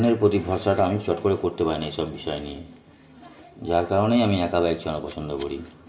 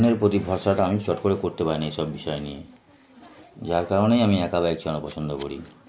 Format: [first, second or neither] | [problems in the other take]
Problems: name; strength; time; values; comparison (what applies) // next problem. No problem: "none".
second | room echo; dies away in 2.8 s